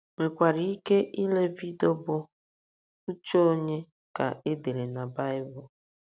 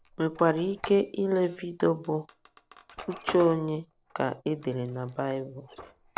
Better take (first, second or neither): first